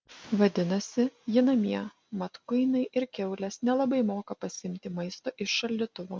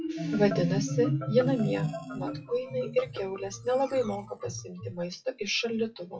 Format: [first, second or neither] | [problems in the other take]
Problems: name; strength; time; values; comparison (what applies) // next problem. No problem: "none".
first | noise reduction (classical method WPE with log-MMSE)